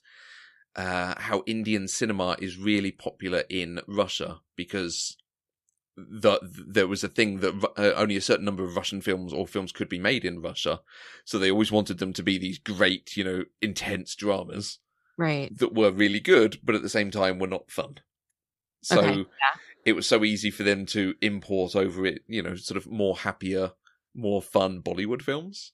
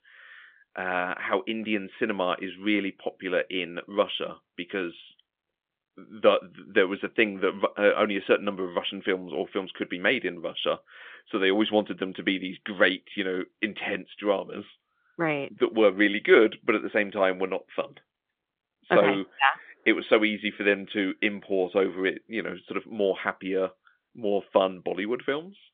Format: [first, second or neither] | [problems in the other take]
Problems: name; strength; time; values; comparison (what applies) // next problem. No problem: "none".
first | phone-call audio; nothing above 3.5 kHz